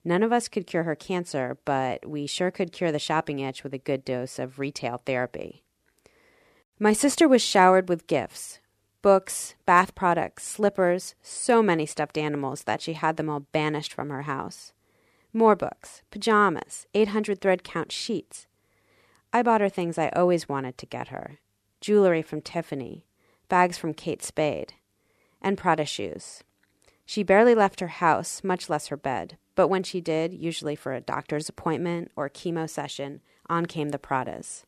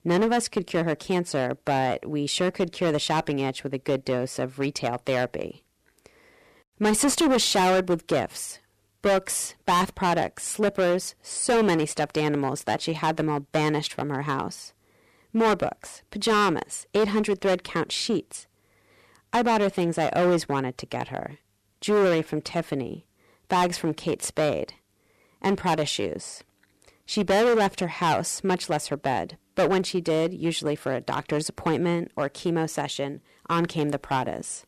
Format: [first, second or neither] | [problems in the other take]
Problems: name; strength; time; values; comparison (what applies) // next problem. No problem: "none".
first | distortion; heavy; 8% of the sound clipped